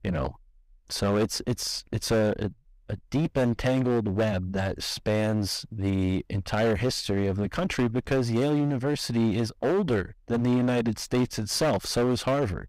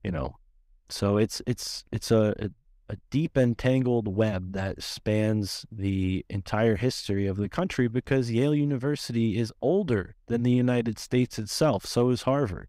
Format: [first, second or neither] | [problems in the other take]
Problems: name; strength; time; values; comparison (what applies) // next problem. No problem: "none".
second | distortion; heavy; 14% of the sound clipped